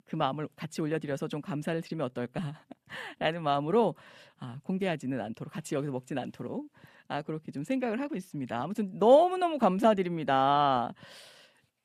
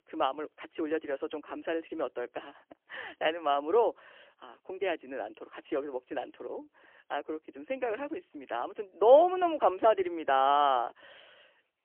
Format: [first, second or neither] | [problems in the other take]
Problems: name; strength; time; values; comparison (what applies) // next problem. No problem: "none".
first | phone-call audio; poor line; nothing above 3 kHz